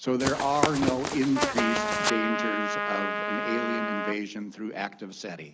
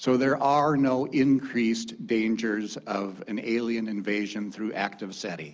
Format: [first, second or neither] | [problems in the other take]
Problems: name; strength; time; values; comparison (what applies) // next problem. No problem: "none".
second | background sound (Trumpet + Run); 1 dB above the speech